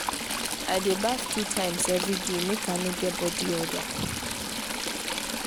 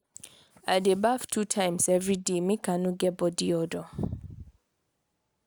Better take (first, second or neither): second